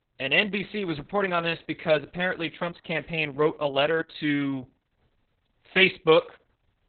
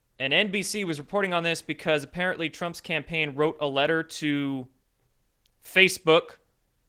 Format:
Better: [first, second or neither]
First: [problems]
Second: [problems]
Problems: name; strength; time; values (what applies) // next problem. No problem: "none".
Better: second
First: garbled, watery; badly; nothing above 4 kHz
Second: garbled, watery; slightly; nothing above 15.5 kHz